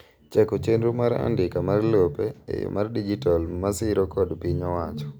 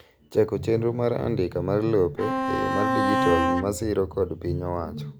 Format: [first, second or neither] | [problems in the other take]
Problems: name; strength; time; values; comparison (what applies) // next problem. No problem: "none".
first | background sound (Bowed string instrument); 1 dB above the speech